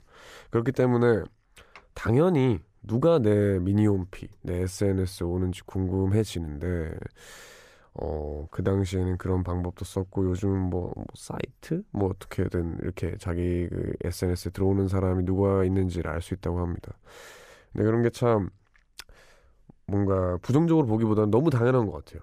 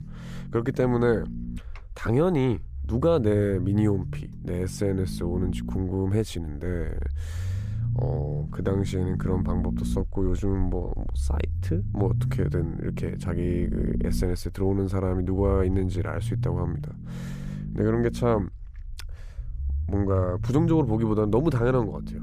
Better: first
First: none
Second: low rumble; noticeable; throughout; 15 dB below the speech

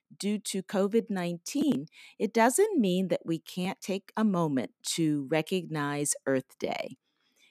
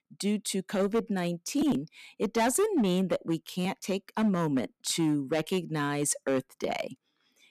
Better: first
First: none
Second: distortion; slight; 6% of the sound clipped

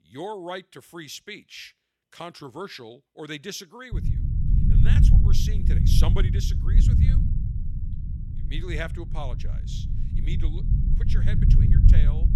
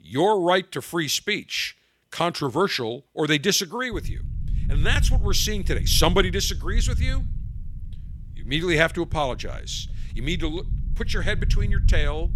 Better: second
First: low rumble; loud; from 4 s on; 2 dB below the speech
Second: low rumble; faint; from 4 s on; 20 dB below the speech

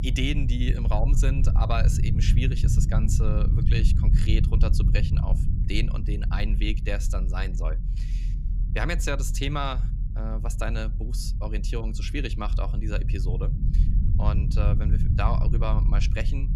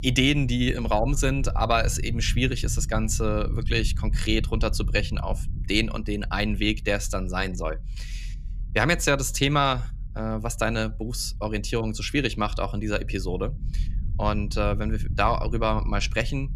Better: second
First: low rumble; loud; throughout; 7 dB below the speech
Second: low rumble; faint; throughout; 20 dB below the speech

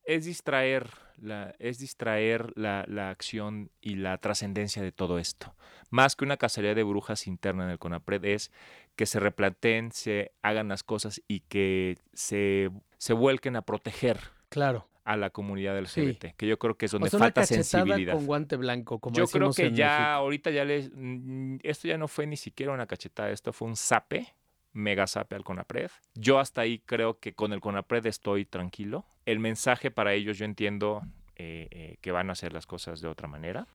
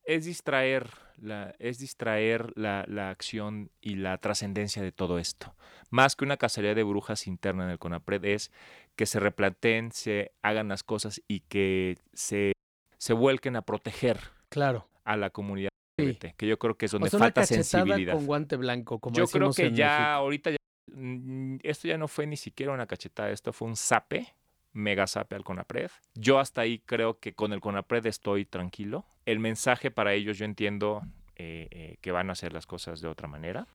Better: first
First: none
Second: audio cutting out; at 13 s, at 16 s and at 21 s

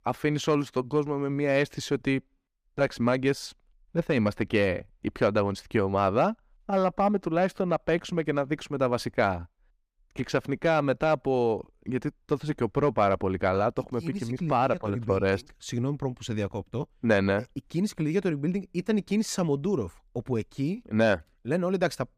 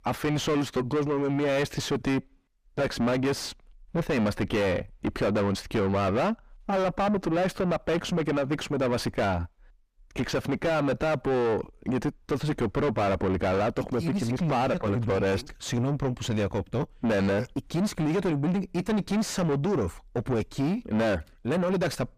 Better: first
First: none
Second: distortion; heavy; 5 dB below the speech

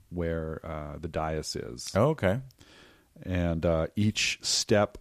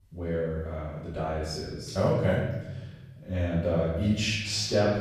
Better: first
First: none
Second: off-mic speech; far // room echo; strong; dies away in 1.2 s

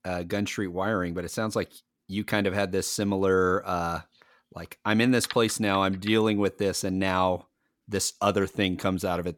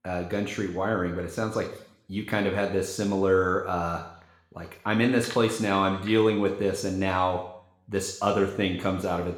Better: first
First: none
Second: room echo; slight; dies away in 0.7 s // off-mic speech; somewhat distant

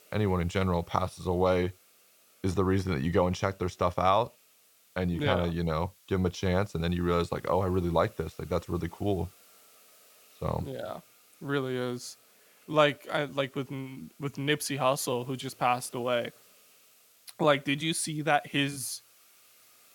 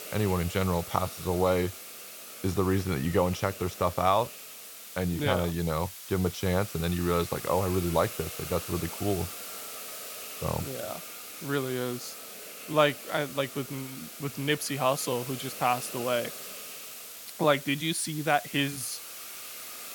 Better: first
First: hiss; faint; throughout; 30 dB below the speech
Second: hiss; loud; throughout; 10 dB below the speech

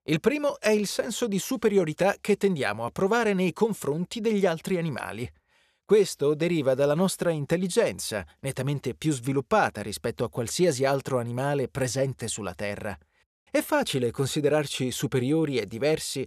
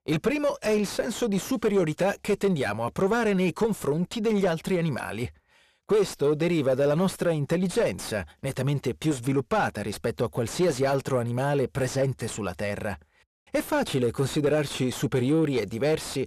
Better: first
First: none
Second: distortion; slight; 10 dB below the speech

